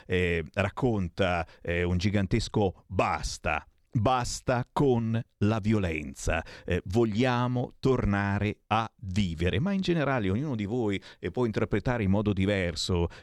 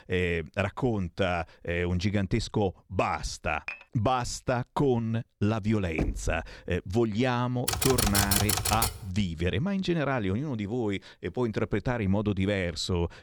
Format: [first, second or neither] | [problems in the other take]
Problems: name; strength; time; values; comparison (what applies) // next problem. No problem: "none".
first | clattering dishes; faint; at 3.5 s; peak 10 dB below the speech // door banging; noticeable; at 6 s; peak 4 dB below the speech // keyboard typing; loud; from 7.5 to 9 s; peak 5 dB above the speech